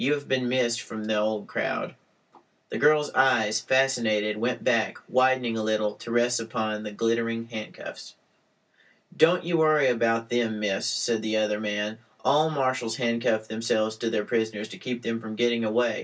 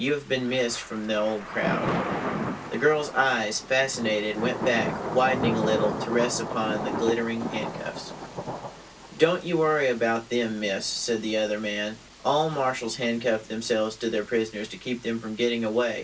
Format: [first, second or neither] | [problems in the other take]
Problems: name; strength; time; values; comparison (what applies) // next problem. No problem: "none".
first | background sound (Thunder / Rain); 7 dB below the speech